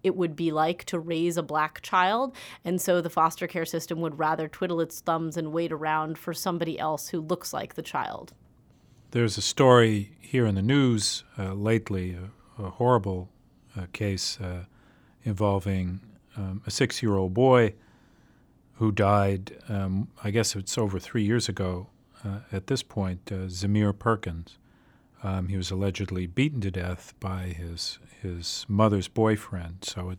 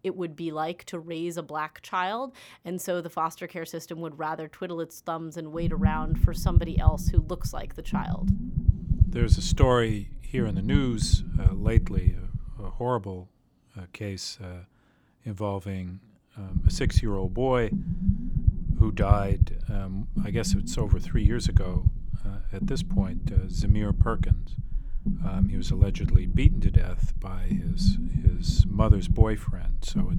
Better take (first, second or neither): first